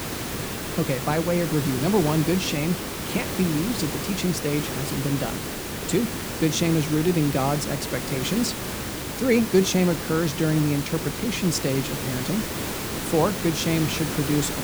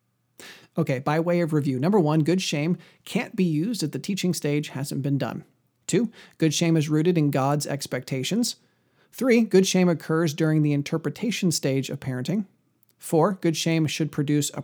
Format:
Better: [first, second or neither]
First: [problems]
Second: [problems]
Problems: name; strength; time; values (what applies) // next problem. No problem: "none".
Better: second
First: hiss; loud; throughout; 4 dB below the speech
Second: none